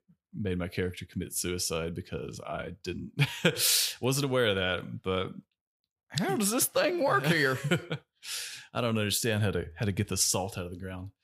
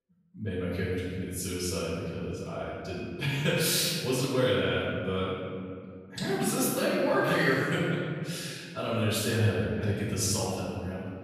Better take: first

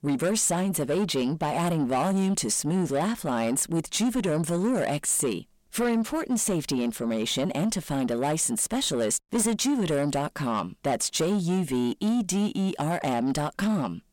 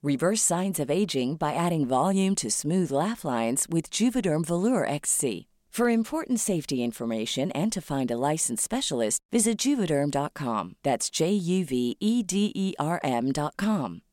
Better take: second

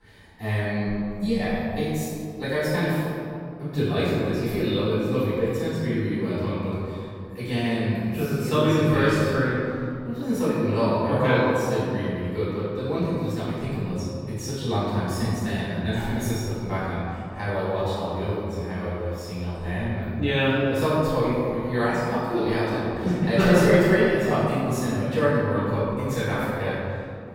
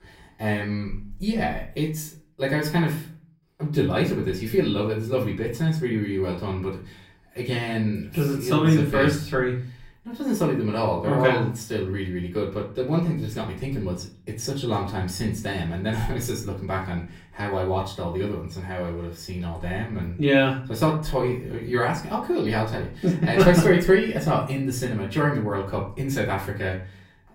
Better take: second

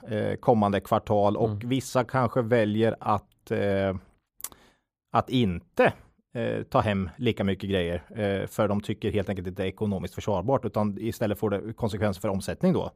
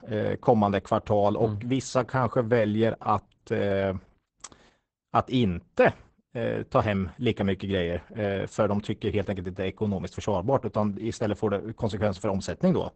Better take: first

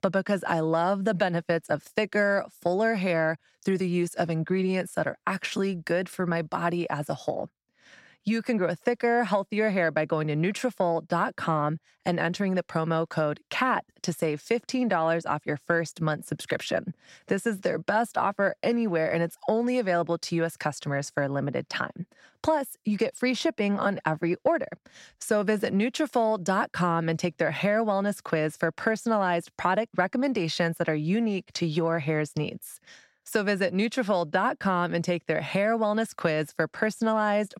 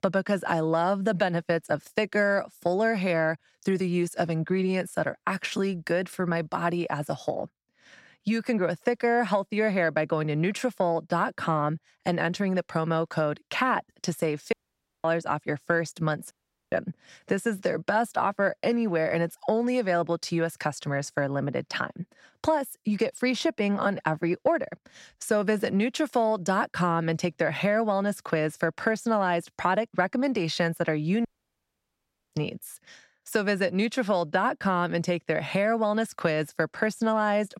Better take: first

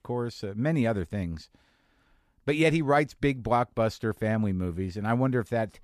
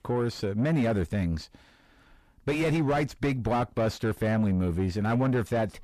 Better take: first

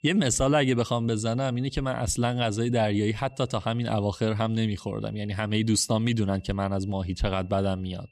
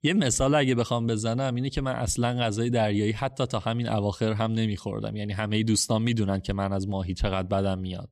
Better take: second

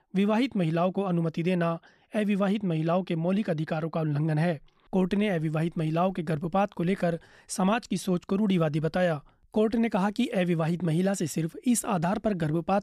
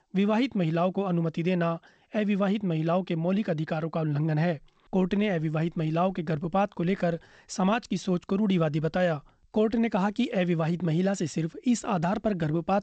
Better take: first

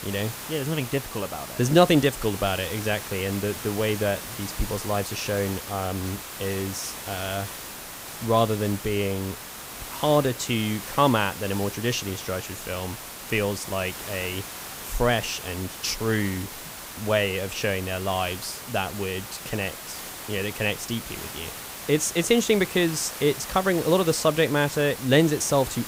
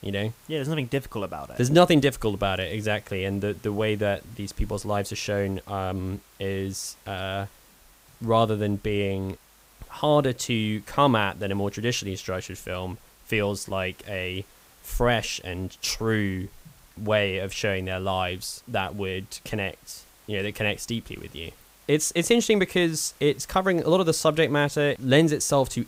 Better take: second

